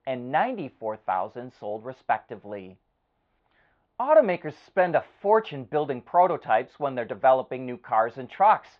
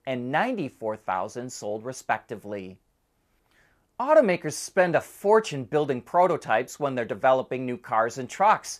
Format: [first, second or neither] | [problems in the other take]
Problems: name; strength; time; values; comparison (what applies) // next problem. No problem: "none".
second | muffled; very; fading above 4 kHz